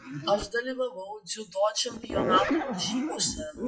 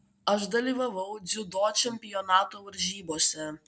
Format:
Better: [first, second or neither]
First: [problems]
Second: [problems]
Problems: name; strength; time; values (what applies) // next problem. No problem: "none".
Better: second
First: noise reduction (classical method WPE with log-MMSE)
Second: none